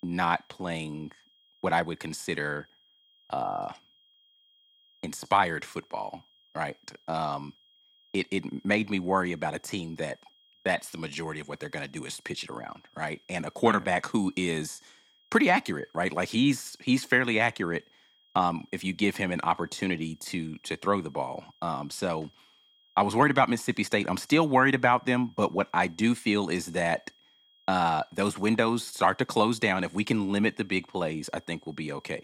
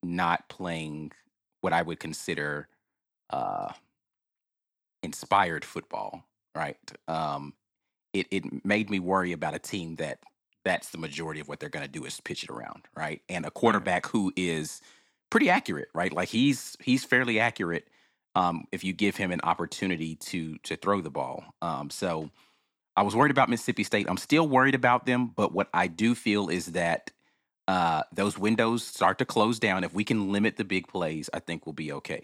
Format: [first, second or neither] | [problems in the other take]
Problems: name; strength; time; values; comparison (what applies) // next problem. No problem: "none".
second | high-pitched whine; faint; throughout; 3.5 kHz, 35 dB below the speech